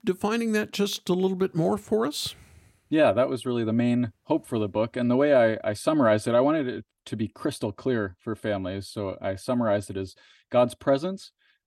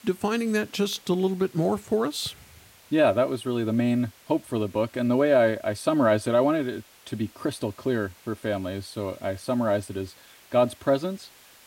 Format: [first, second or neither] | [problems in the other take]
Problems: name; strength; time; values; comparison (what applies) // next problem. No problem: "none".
first | hiss; faint; throughout; 25 dB below the speech